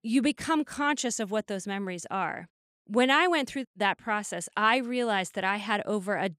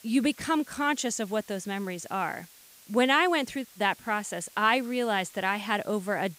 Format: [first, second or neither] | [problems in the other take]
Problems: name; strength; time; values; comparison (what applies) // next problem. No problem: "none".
first | hiss; faint; throughout; 25 dB below the speech